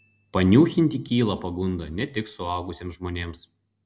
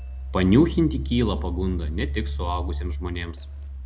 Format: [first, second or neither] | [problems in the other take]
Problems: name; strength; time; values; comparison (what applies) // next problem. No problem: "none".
first | background sound (Engine); 5 dB below the speech